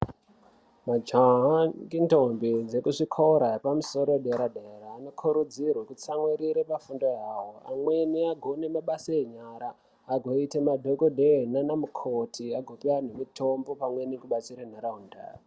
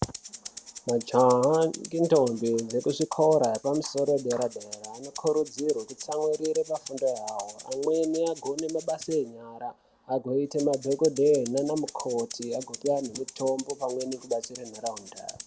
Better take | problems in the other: first | background sound (Rattle (instrument)); 16 dB below the speech

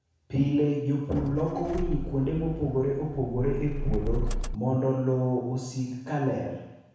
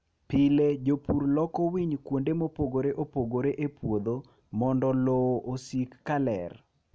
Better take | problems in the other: second | background sound (Motor vehicle (road)); 4 dB below the speech // room echo; dies away in 1 s

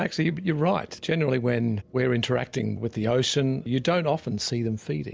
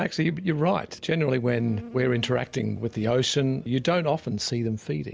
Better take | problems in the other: first | background sound (Insect); 20 dB below the speech

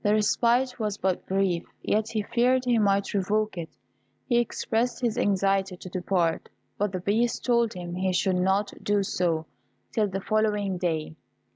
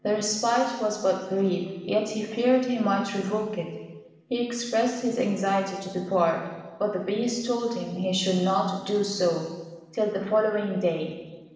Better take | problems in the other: first | room echo; dies away in 1.2 s

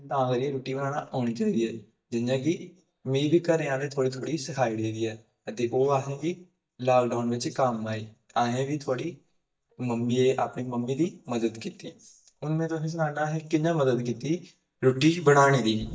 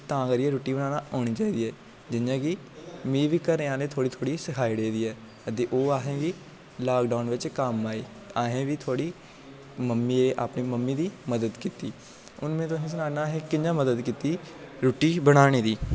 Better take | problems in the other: second | noise reduction (neural mask model DeepFilterNet 3)

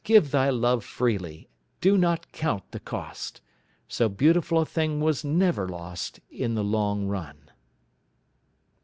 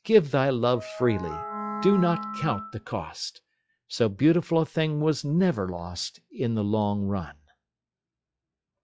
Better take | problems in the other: first | noise reduction (classical method log-MMSE)

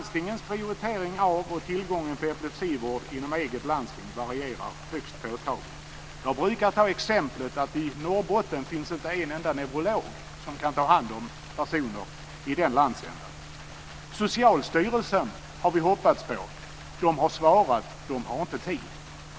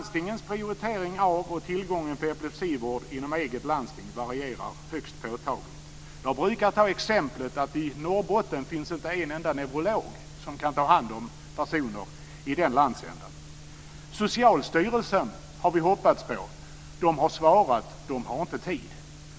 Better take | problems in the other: second | background sound (Stream); 19 dB below the speech

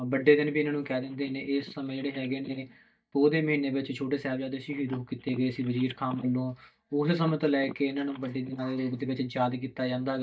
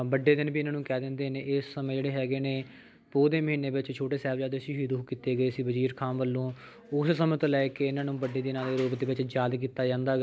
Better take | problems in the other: second | noise reduction (neural mask model DeepFilterNet 3)

